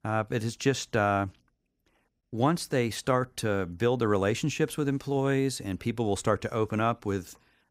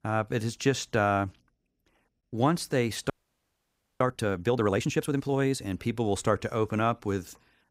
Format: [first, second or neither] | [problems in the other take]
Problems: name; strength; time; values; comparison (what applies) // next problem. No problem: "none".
first | audio freezing; at 3 s for 1 s